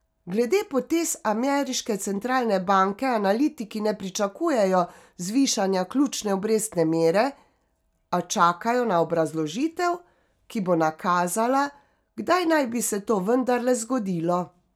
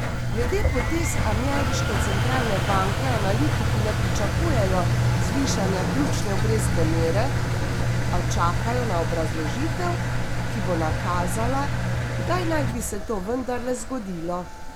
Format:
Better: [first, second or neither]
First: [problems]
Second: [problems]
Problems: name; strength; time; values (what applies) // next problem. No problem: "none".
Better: first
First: none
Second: background sound (Engine); 5 dB above the speech